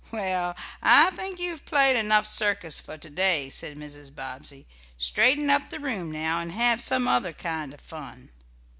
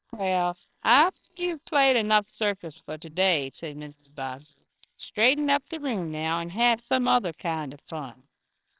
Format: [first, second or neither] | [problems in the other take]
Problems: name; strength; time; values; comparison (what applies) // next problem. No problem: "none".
first | noise reduction (neural separator model SepFormer WHAMR!)